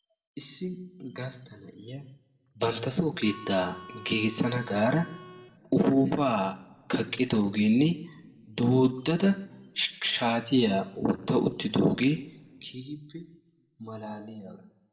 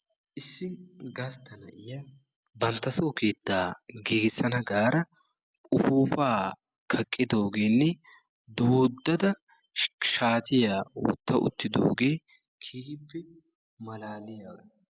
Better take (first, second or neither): second